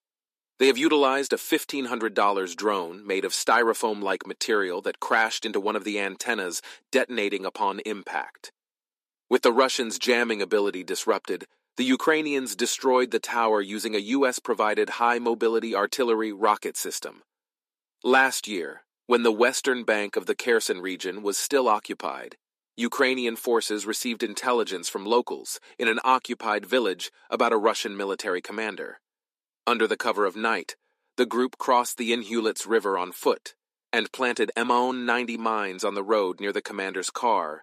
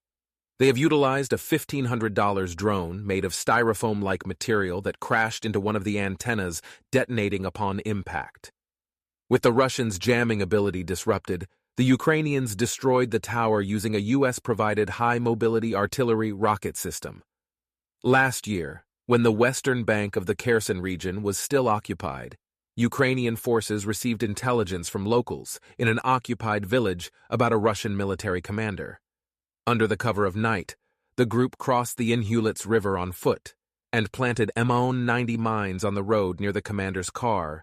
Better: second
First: thin; somewhat; fading below 250 Hz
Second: none

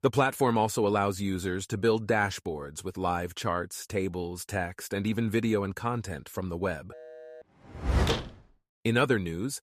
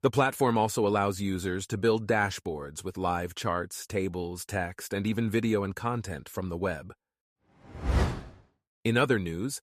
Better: second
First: phone ringing; faint; at 7 s; peak 15 dB below the speech // door banging; noticeable; at 8 s; peak 3 dB below the speech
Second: none

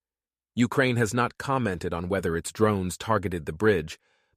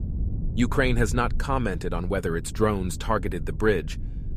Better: first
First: none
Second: low rumble; noticeable; throughout; 20 dB below the speech

